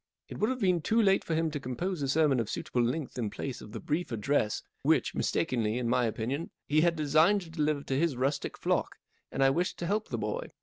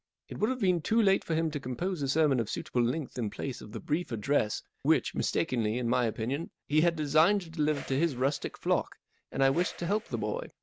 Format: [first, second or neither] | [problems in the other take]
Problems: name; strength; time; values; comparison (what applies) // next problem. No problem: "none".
first | background sound (Whoosh, swoosh, swish); 19 dB below the speech